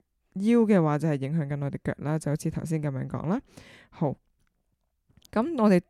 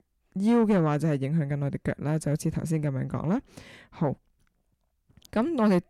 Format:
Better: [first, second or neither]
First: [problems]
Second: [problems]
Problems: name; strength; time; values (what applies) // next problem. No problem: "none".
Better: first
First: none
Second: distortion; slight; 10 dB below the speech